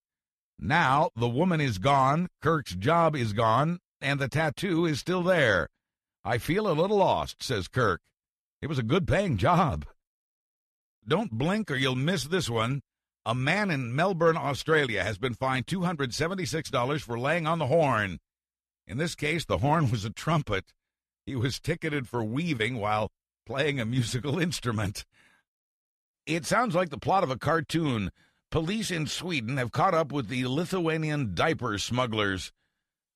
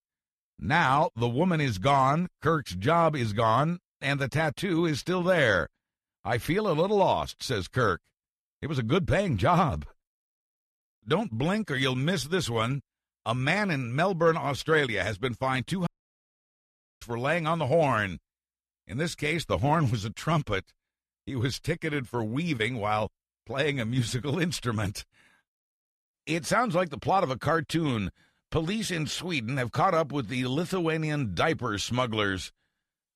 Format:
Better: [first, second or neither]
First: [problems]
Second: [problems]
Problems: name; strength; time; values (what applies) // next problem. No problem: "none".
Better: first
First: none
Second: audio cutting out; at 16 s for 1 s